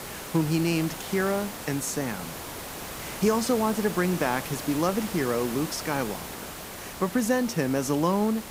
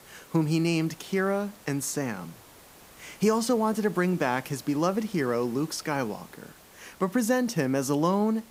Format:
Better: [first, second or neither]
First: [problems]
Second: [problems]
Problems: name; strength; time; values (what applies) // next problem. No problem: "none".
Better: second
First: hiss; loud; throughout; 9 dB below the speech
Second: hiss; faint; throughout; 25 dB below the speech